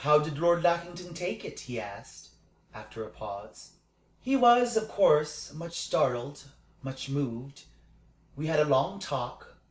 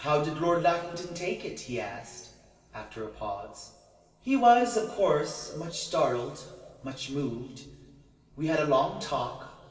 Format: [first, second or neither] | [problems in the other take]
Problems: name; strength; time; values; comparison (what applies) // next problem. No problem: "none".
first | room echo; dies away in 2.1 s